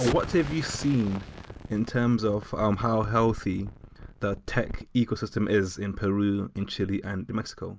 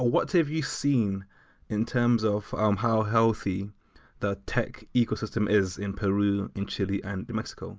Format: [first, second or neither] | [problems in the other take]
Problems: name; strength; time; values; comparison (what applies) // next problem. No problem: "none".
second | background sound (Explosion); 14 dB below the speech